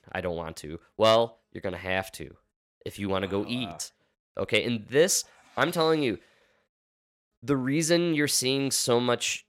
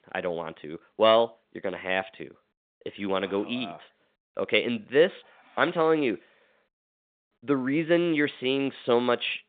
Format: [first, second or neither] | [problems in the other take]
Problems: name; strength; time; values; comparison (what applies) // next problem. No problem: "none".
first | phone-call audio; nothing above 3.5 kHz